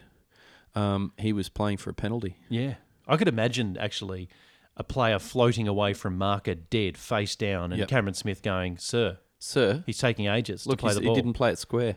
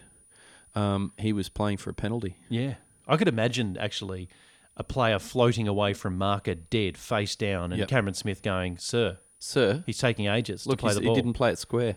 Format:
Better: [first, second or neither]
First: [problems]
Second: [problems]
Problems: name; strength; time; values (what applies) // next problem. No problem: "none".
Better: first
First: none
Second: high-pitched whine; faint; throughout; 9.5 kHz, 30 dB below the speech